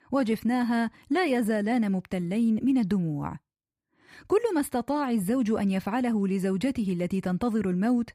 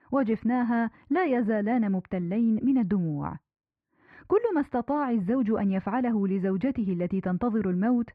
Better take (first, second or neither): first